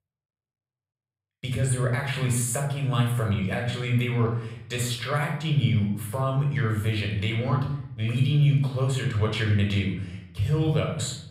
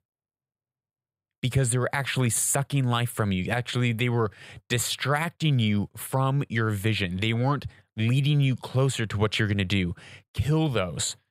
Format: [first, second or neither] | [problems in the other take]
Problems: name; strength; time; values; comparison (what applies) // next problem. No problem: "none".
second | off-mic speech; somewhat distant // room echo; noticeable; dies away in 0.7 s